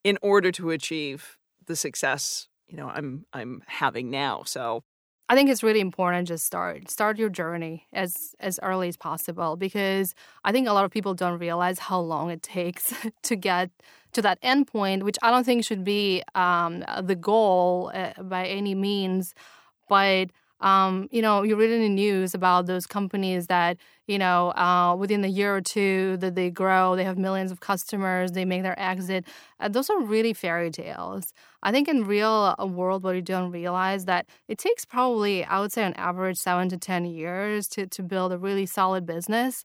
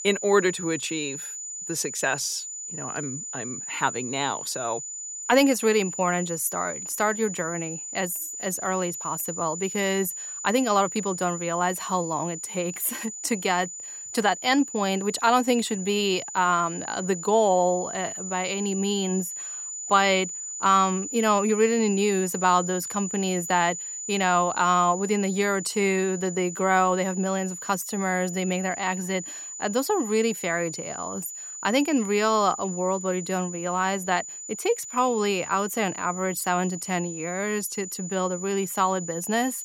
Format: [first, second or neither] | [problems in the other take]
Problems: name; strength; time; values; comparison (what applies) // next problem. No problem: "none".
first | high-pitched whine; loud; throughout; 7 kHz, 8 dB below the speech